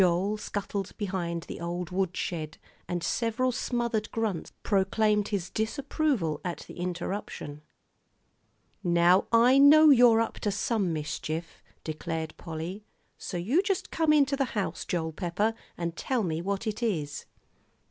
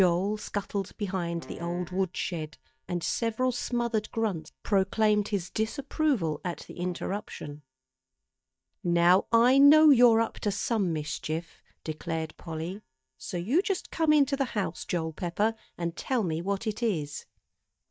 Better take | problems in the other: first | noise reduction (neural mask model DeepFilterNet 3)

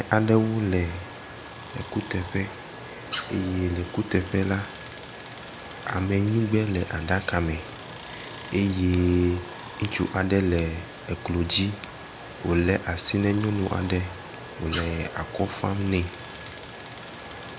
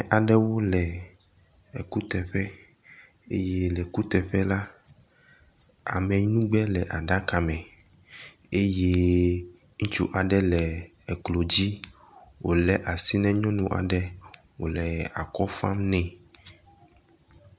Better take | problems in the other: second | background sound (Stream); 13 dB below the speech

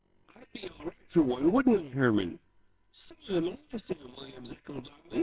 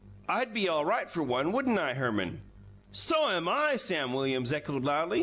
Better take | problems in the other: second | noise reduction (neural separator model SepFormer WHAMR!)

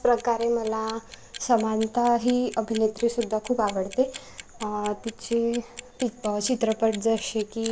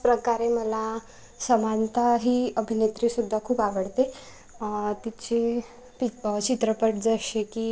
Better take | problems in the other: second | background sound (Clock); 19 dB below the speech

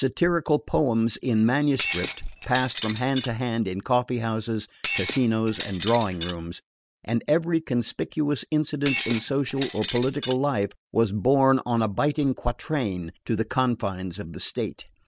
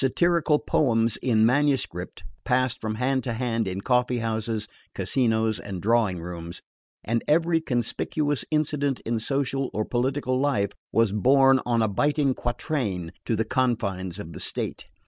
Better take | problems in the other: second | background sound (Shatter); 9 dB below the speech

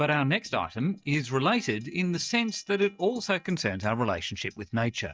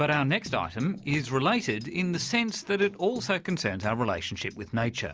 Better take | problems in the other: second | noise reduction (neural mask model DeepFilterNet 3)

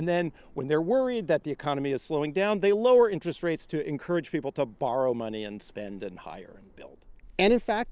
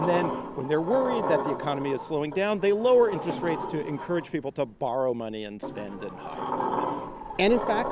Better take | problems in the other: first | background sound (Sliding door); 6 dB below the speech

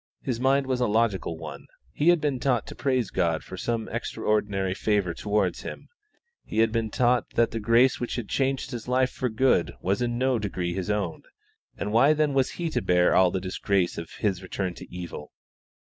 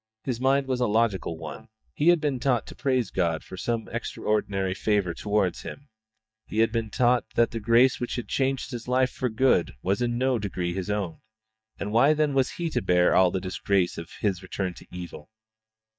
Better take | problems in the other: first | noise reduction (neural mask model DeepFilterNet 3)

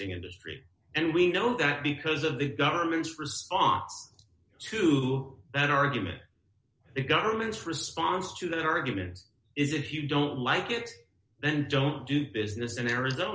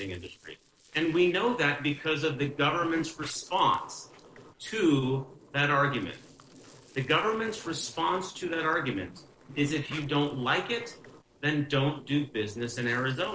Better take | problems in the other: first | noise reduction (neural separator model SepFormer DNS4)

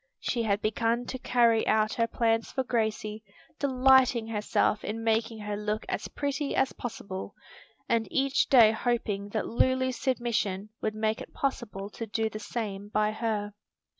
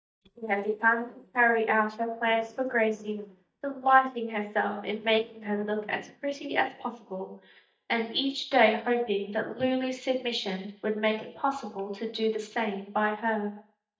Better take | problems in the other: first | noise reduction (neural mask model DeepFilterNet 3)

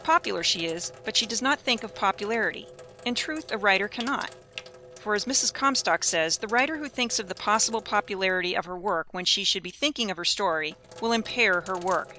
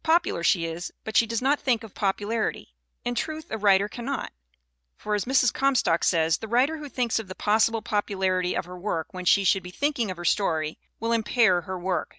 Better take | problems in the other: second | background sound (Sink (filling or washing)); 19 dB below the speech

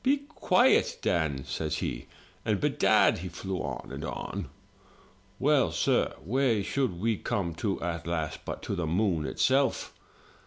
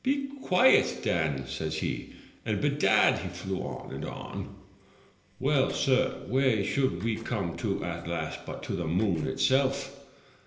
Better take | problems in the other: first | noise reduction (neural separator model SepFormer DNS4)

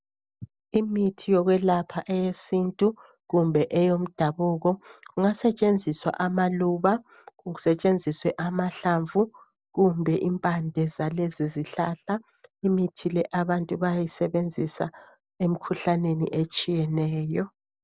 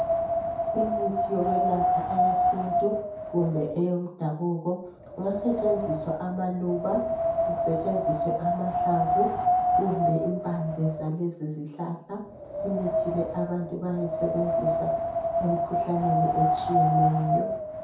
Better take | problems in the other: first | background sound (Wind); 2 dB above the speech // room echo; dies away in 0.6 s

